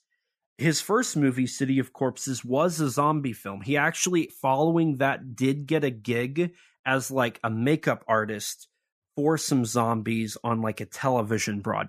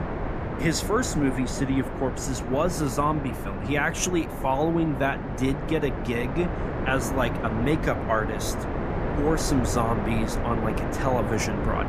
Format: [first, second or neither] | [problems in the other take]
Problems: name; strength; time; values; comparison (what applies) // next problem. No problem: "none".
first | wind noise on the microphone; heavy; 5 dB below the speech